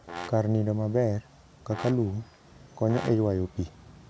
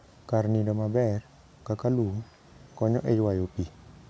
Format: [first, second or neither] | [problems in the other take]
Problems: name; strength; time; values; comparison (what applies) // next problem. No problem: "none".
second | background sound (Brass instrument); 16 dB below the speech